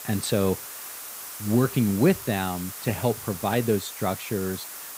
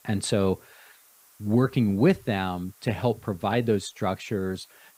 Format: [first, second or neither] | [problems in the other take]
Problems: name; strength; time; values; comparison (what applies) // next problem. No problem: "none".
second | hiss; loud; throughout; 10 dB below the speech; faint in the second